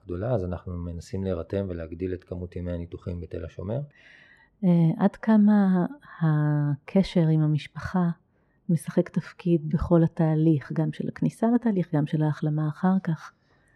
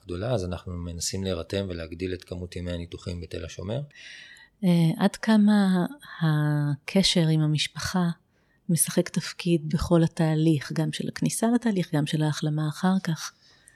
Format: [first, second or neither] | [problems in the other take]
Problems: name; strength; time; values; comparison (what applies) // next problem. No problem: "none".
second | muffled; very; fading above 2.5 kHz